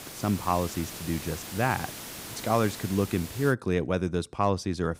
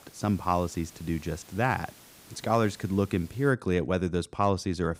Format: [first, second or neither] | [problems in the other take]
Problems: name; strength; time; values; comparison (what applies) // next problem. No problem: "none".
second | hiss; loud; until 3.5 s; 10 dB below the speech; faint in the second